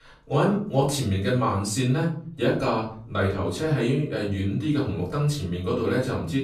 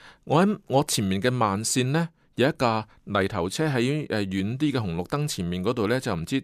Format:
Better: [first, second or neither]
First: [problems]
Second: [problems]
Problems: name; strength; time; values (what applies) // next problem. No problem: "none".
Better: second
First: off-mic speech; far // room echo; slight; dies away in 0.5 s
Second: none